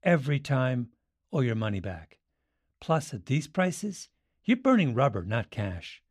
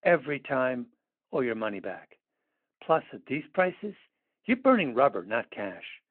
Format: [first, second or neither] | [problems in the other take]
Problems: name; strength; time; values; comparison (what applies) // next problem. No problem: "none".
first | phone-call audio